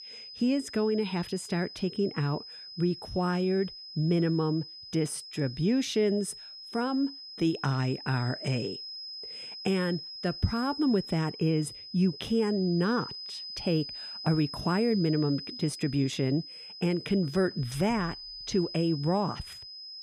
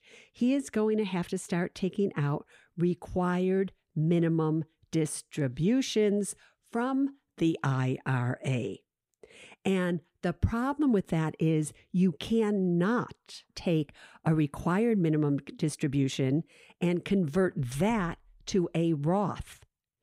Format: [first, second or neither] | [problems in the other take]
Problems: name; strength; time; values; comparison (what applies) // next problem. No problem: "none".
second | high-pitched whine; noticeable; throughout; 5 kHz, 10 dB below the speech